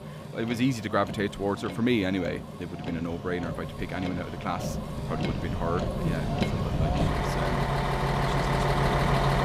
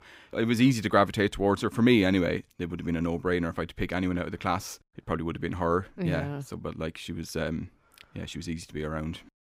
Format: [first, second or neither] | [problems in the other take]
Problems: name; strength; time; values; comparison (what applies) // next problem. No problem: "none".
second | traffic noise; very loud; throughout; 2 dB above the speech